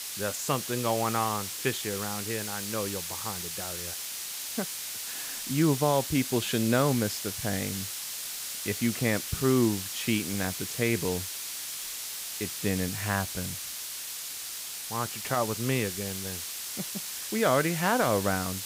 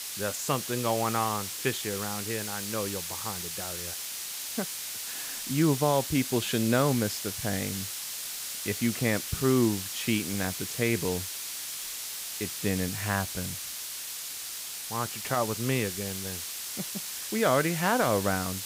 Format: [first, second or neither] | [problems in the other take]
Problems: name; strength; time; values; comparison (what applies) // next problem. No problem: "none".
neither | hiss; loud; throughout; 4 dB below the speech; the same in both